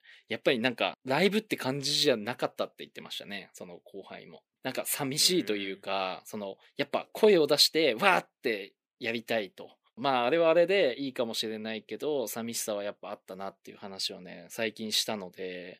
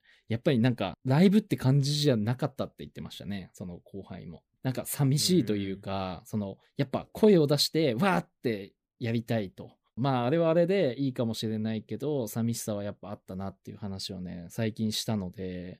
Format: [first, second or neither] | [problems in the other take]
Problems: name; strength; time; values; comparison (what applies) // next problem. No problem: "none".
second | thin; somewhat; fading below 400 Hz